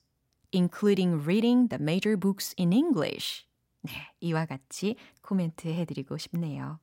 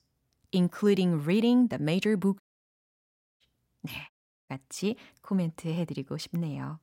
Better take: first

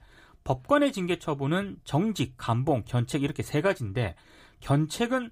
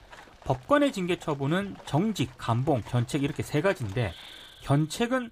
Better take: first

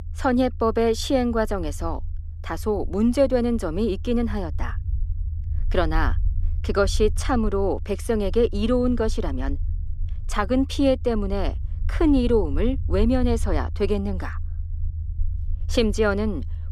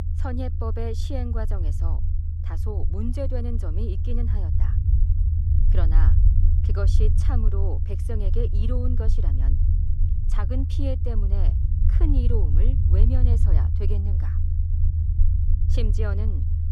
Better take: first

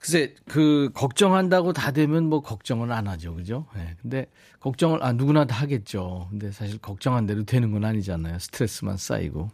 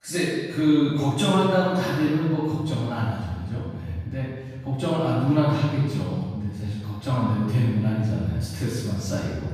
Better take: first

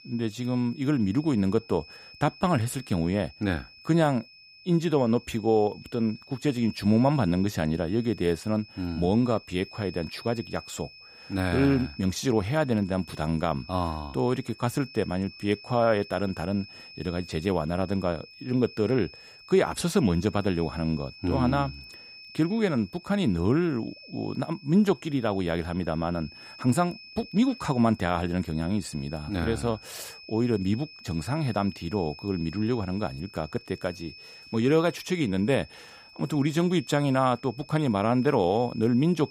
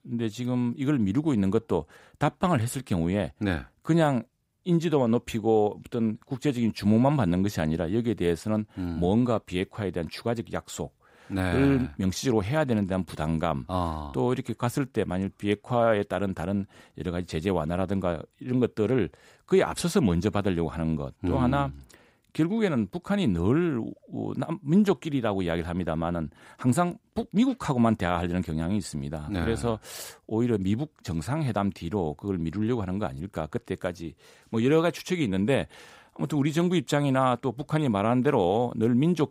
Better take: second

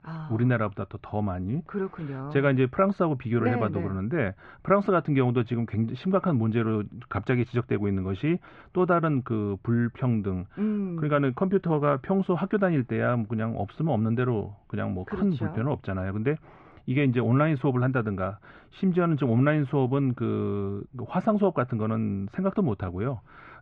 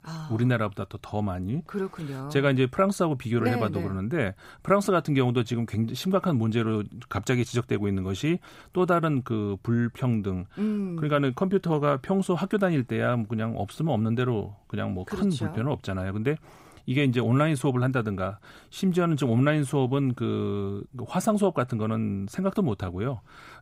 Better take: second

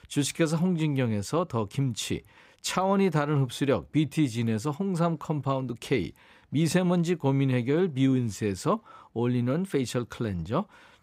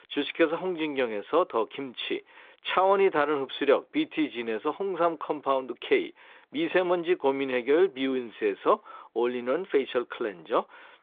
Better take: first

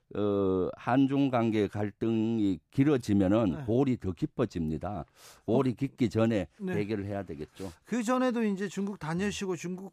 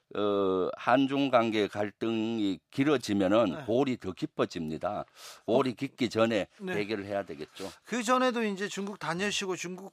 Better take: first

